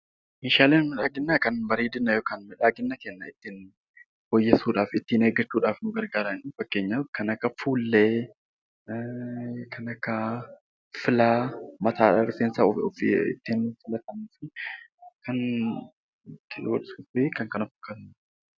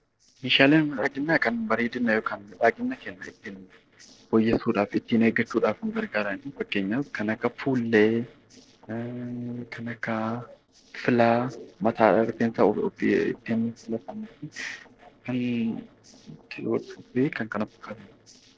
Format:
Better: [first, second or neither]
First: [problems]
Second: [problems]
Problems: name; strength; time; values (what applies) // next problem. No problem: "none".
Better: first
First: none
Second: noise reduction (neural separator model SepFormer DNS4)